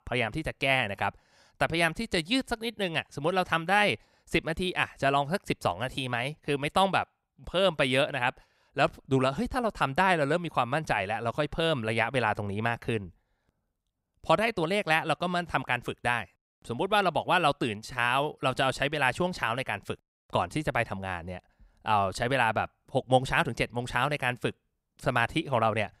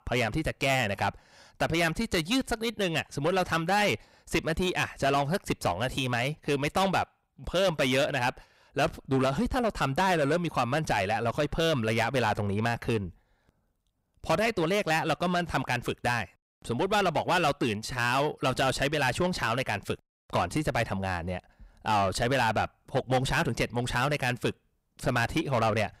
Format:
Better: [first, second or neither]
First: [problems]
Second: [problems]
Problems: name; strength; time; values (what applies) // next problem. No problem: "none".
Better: first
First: none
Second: distortion; heavy; 7 dB below the speech